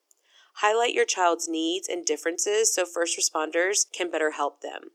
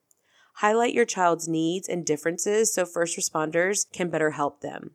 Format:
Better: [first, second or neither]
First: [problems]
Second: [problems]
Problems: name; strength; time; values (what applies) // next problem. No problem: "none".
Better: second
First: thin; somewhat; fading below 350 Hz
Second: none